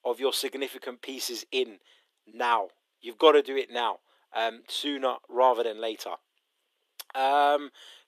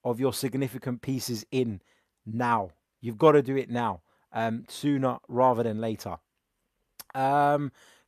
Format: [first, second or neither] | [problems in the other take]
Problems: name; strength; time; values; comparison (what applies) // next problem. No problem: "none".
second | thin; somewhat; fading below 350 Hz